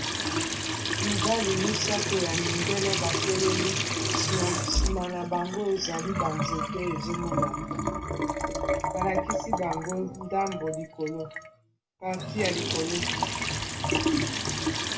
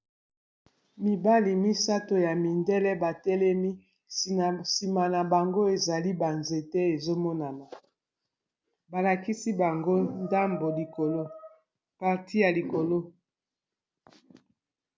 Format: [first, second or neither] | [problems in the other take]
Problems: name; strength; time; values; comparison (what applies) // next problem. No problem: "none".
second | background sound (Trickle, dribble / Sink (filling or washing) / Water tap, faucet); 3 dB above the speech // room echo; dies away in 0.2 s